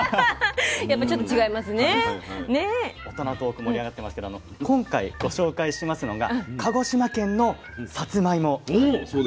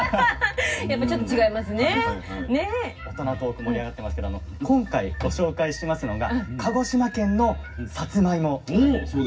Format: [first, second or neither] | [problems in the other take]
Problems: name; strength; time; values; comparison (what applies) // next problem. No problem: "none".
first | room echo; dies away in 0.4 s